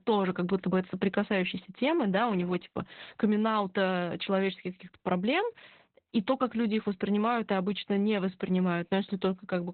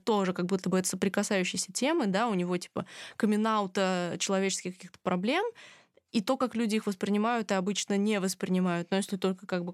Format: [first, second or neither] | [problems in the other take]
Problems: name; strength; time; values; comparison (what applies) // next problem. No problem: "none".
second | garbled, watery; badly; nothing above 4 kHz